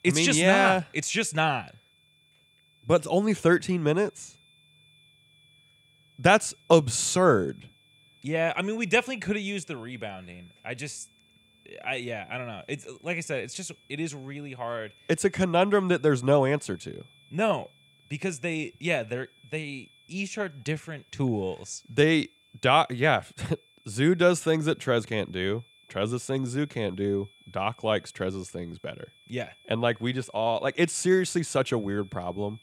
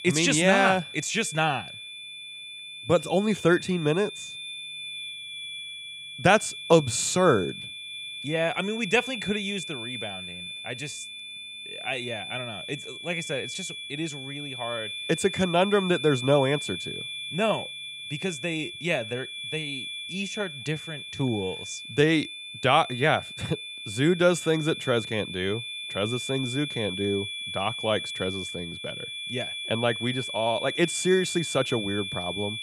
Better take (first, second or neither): first